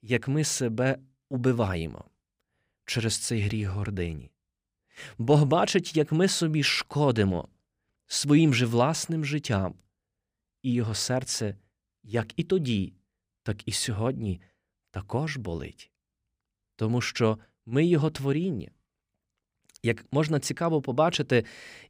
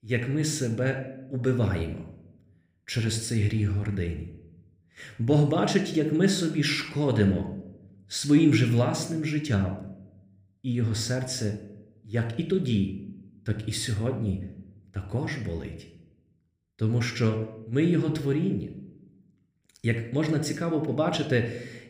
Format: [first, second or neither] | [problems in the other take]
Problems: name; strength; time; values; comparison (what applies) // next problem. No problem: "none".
first | room echo; slight; dies away in 0.6 s